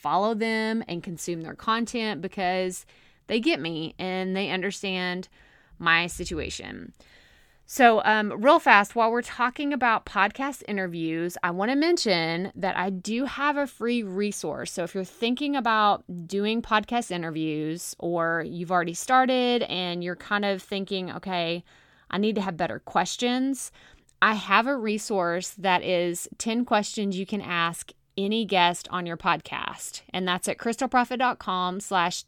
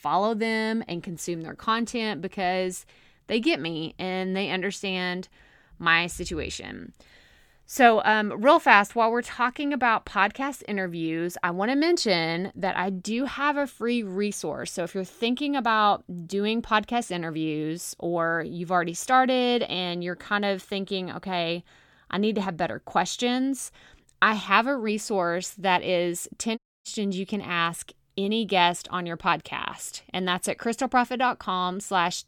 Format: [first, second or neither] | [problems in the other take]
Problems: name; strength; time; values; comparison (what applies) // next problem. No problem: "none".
first | audio cutting out; at 27 s